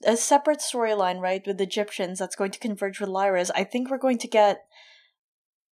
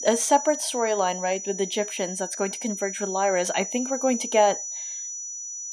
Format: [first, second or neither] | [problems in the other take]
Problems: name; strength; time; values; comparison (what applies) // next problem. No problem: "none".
first | high-pitched whine; loud; throughout; 6 kHz, 6 dB below the speech